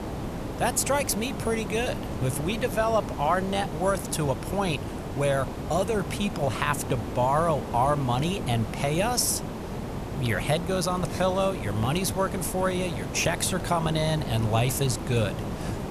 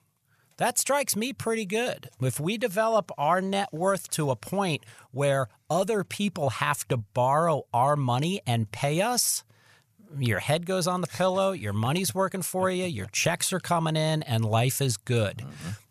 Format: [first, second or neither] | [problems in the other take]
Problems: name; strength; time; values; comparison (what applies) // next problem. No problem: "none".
second | hiss; loud; throughout; 7 dB below the speech